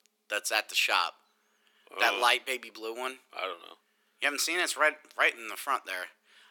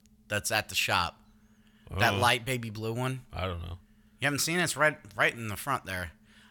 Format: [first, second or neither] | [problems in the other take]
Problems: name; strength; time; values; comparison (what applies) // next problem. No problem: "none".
second | thin; very; fading below 300 Hz